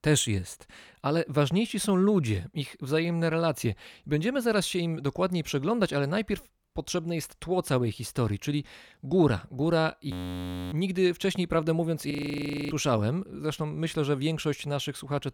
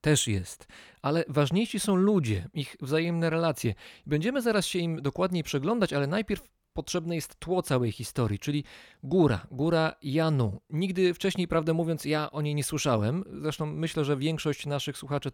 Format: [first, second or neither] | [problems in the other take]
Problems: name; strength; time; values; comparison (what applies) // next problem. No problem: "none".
second | audio freezing; at 10 s for 0.5 s and at 12 s for 0.5 s